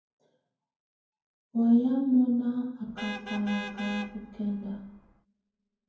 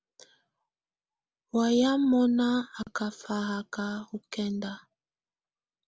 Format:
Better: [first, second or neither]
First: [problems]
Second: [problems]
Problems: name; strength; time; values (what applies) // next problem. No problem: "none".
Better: second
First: background sound (Vehicle horn, car horn, honking); 12 dB below the speech // room echo; dies away in 0.9 s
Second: none